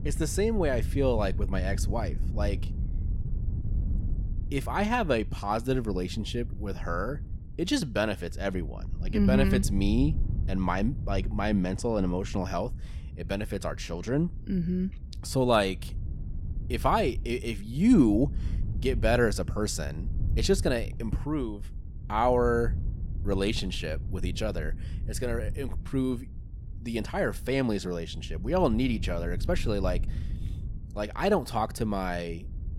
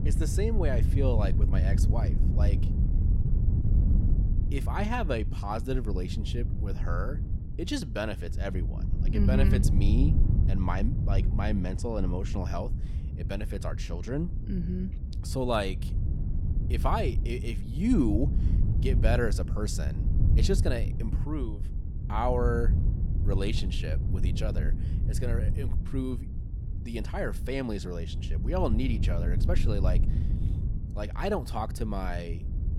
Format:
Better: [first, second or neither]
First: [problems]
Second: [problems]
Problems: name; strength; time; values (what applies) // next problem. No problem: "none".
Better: first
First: wind noise on the microphone; occasional gusts; 20 dB below the speech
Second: wind noise on the microphone; heavy; 9 dB below the speech